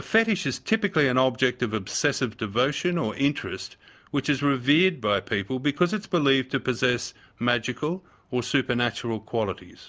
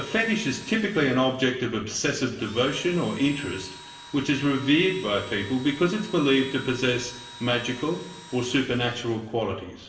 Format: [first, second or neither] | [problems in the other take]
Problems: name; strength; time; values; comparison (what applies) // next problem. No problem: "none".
first | background sound (Engine / Drill); 19 dB below the speech // room echo; dies away in 0.9 s